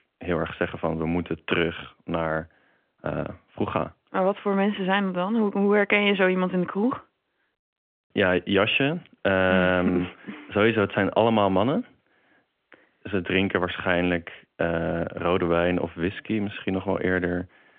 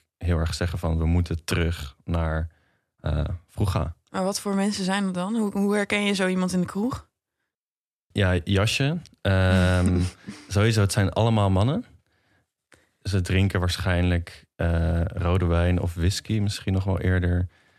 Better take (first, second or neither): second